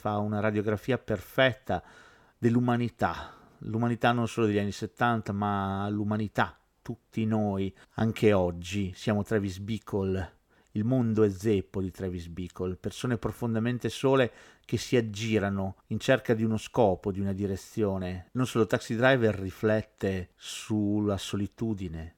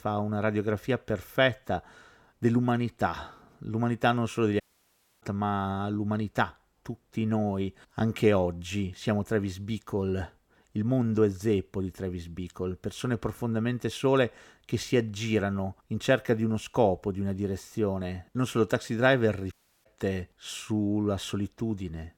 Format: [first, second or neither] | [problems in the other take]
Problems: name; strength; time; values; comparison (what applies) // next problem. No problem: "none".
first | audio cutting out; at 4.5 s for 0.5 s and at 20 s